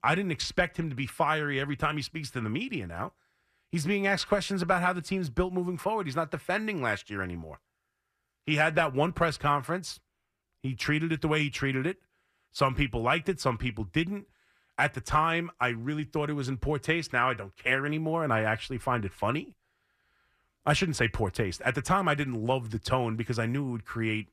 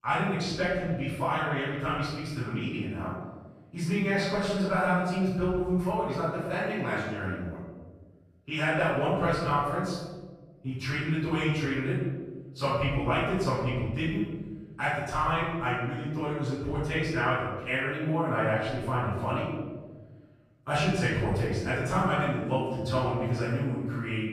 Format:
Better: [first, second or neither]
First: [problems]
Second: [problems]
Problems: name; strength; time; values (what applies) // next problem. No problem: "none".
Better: first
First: none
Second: room echo; strong; dies away in 1.4 s // off-mic speech; far